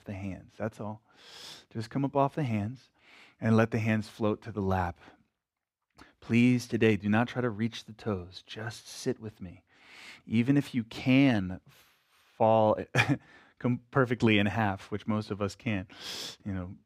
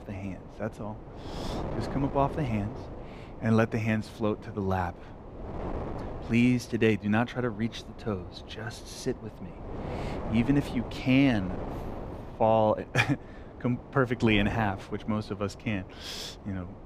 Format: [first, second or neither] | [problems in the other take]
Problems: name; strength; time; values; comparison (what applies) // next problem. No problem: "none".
first | wind noise on the microphone; occasional gusts; 15 dB below the speech